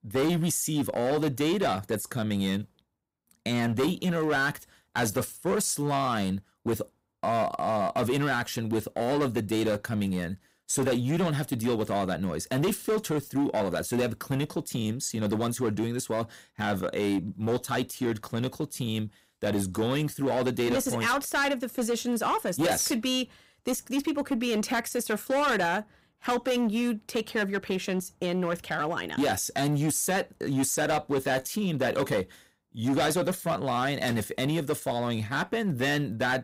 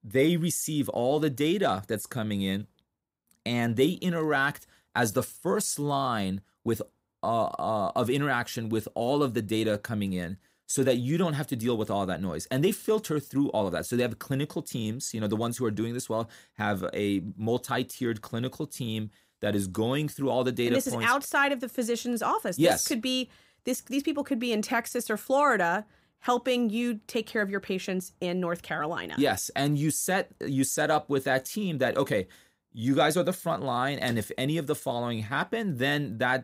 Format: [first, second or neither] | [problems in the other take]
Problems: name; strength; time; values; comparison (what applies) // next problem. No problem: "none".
second | distortion; slight; 11% of the sound clipped